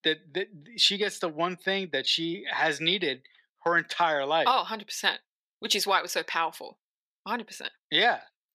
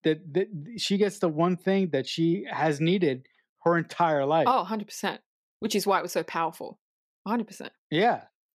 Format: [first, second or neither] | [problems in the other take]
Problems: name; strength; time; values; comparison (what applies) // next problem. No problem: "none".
second | thin; somewhat; fading below 800 Hz